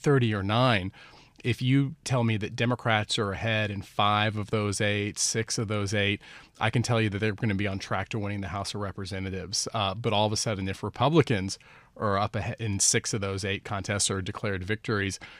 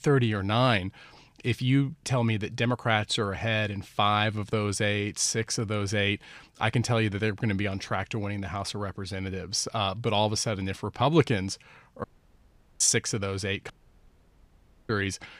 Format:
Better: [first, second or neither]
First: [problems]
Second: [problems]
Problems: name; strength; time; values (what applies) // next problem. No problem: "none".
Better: first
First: none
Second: audio cutting out; at 12 s for 1 s and at 14 s for 1 s